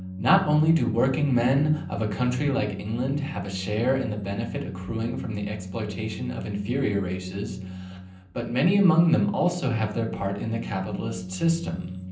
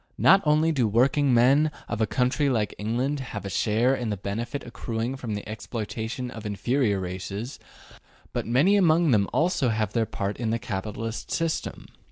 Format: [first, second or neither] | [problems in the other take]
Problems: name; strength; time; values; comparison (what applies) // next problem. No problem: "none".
second | background sound (Organ); 11 dB below the speech // room echo; dies away in 0.6 s